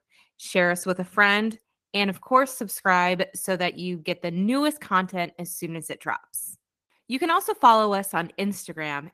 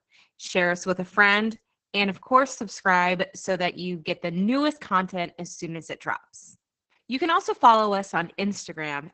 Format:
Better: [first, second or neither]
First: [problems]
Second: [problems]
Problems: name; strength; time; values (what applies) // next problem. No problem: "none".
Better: first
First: garbled, watery; slightly; nothing above 14 kHz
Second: garbled, watery; badly; nothing above 8 kHz